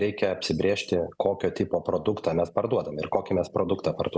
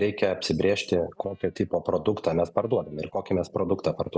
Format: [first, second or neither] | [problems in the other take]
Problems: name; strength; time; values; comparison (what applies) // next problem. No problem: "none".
first | noise reduction (neural mask model DeepFilterNet 3)